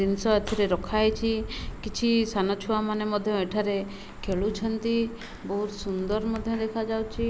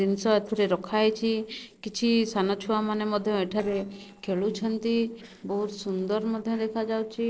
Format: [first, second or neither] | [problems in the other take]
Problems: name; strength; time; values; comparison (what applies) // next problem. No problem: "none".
first | noise reduction (neural separator model SepFormer DNS4)